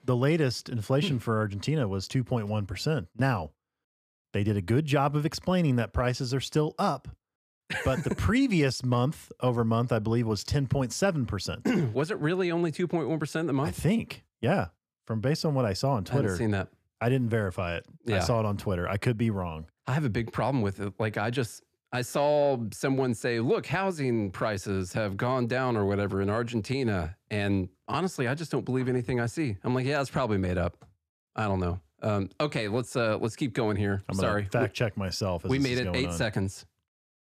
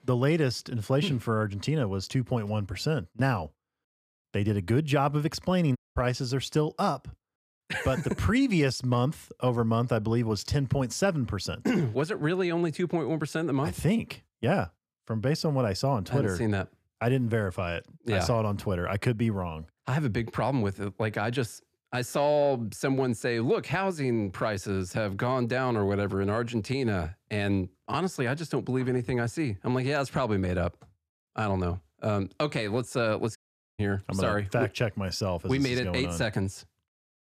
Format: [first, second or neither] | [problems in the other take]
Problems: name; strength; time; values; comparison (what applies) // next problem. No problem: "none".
first | audio cutting out; at 6 s and at 33 s